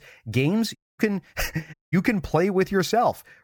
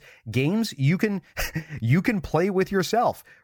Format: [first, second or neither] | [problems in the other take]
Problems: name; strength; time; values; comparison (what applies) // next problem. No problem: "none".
second | audio cutting out; at 1 s and at 1.5 s